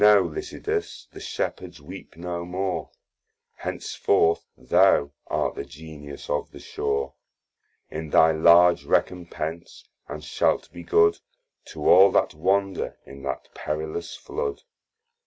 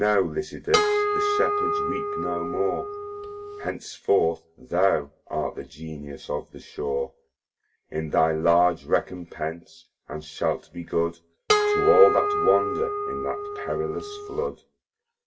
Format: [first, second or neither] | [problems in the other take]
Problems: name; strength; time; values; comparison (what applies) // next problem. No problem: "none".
first | background sound (Harp); 1 dB above the speech // room echo; dies away in 0.1 s